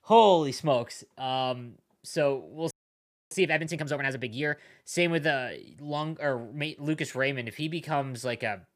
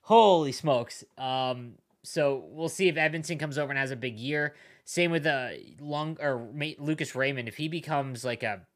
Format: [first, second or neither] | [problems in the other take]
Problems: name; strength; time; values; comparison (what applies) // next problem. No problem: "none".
second | audio freezing; at 2.5 s for 0.5 s